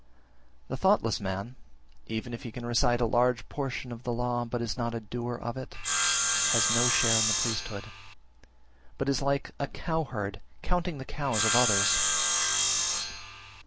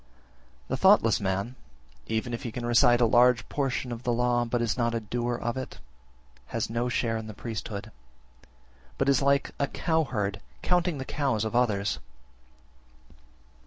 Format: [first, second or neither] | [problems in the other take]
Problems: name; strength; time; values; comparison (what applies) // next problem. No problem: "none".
second | background sound (Sawing); 3 dB above the speech